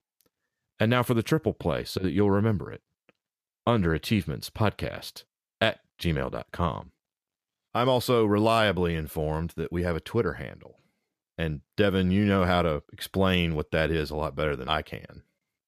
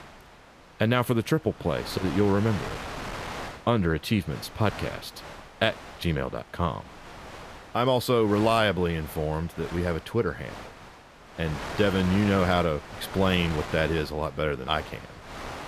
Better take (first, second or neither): first